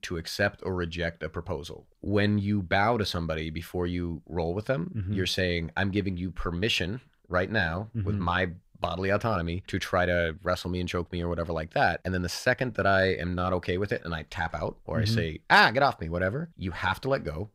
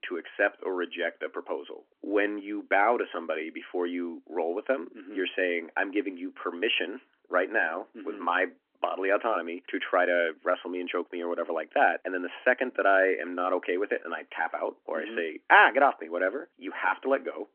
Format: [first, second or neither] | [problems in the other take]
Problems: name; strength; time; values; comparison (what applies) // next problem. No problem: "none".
first | phone-call audio; nothing above 3 kHz